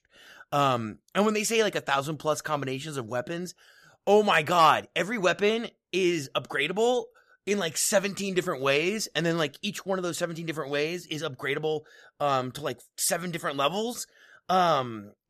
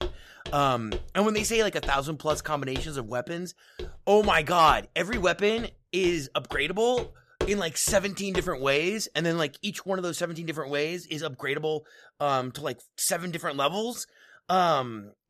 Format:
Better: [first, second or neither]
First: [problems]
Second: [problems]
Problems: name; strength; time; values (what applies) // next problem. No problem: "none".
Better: first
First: none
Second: footsteps; noticeable; until 8.5 s; peak 7 dB below the speech